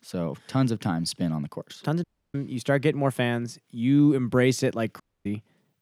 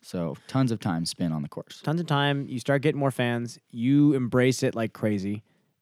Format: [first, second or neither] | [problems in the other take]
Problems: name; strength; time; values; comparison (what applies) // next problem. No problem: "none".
second | audio cutting out; at 2 s and at 5 s